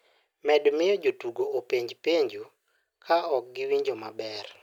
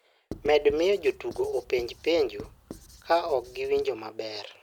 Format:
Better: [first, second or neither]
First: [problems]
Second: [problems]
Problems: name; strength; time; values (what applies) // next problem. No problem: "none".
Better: first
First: none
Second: background sound (Writing); 18 dB below the speech